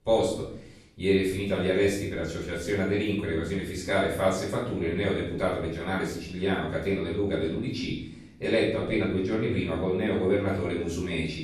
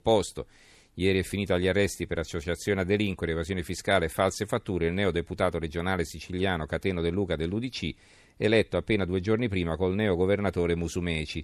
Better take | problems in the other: second | room echo; noticeable; dies away in 0.6 s // off-mic speech; far

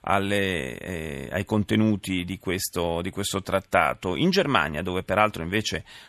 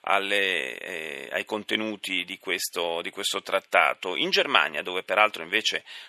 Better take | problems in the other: first | thin; somewhat; fading below 450 Hz

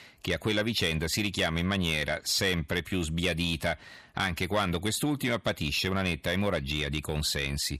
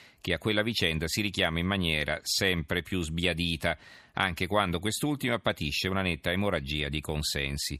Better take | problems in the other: second | distortion; slight; 10 dB below the speech

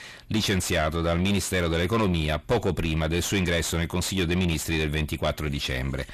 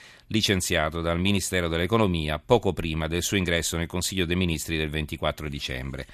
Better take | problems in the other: second | distortion; heavy; 7 dB below the speech

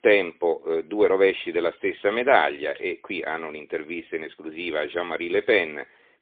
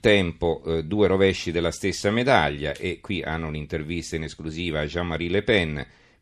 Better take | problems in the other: second | phone-call audio; poor line; nothing above 3.5 kHz

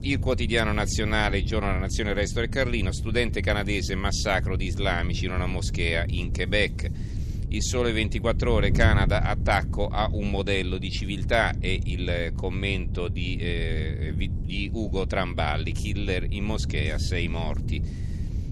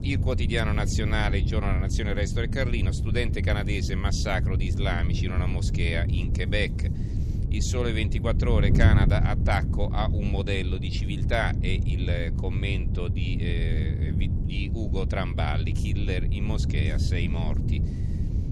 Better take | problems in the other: first | wind noise on the microphone; heavy; 8 dB below the speech; occasional gusts in the first

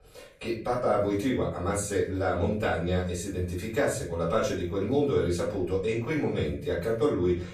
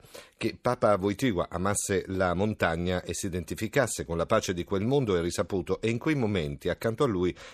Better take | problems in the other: second | room echo; noticeable; dies away in 0.4 s // off-mic speech; far

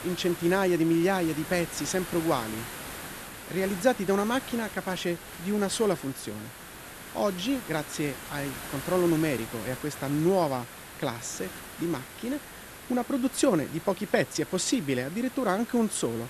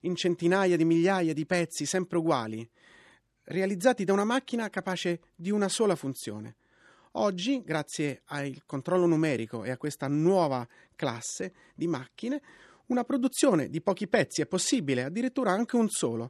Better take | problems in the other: second | hiss; noticeable; throughout; 10 dB below the speech

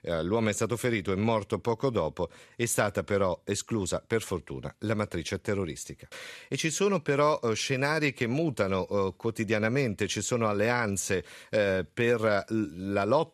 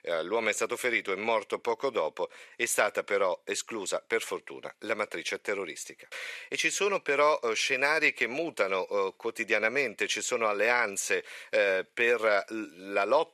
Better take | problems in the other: first | thin; very; fading below 500 Hz

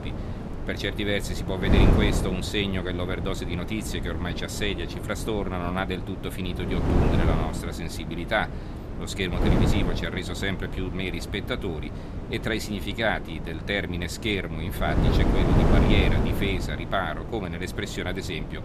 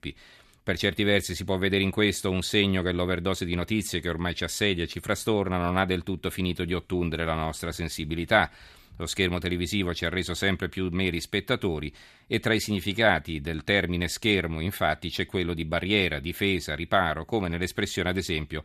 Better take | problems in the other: second | wind noise on the microphone; heavy; 4 dB below the speech

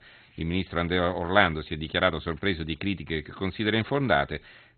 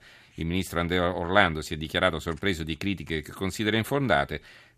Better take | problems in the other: second | garbled, watery; badly; nothing above 4 kHz

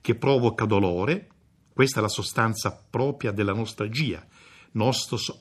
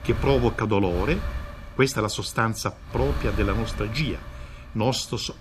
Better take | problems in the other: first | wind noise on the microphone; occasional gusts; 10 dB below the speech

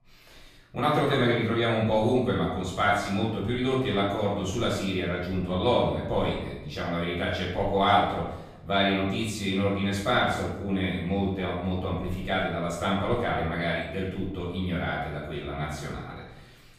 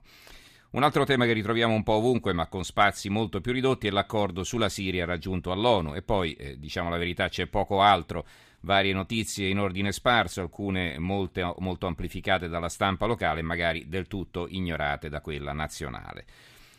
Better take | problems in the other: second | room echo; noticeable; dies away in 0.8 s // off-mic speech; far

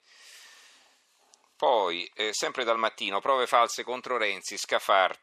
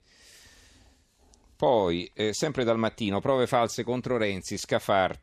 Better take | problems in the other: second | thin; very; fading below 600 Hz

